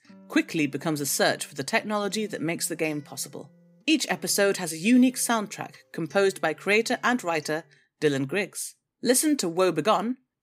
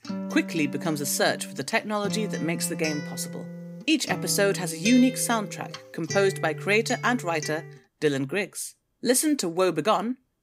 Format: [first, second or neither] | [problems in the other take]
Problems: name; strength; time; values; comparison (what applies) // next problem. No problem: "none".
first | background music; loud; throughout; 9 dB below the speech; faint in the first